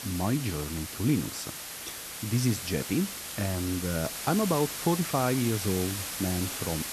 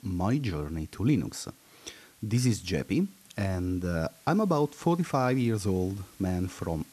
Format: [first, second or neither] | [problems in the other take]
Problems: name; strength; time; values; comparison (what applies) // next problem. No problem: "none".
second | hiss; loud; throughout; 5 dB below the speech; faint in the second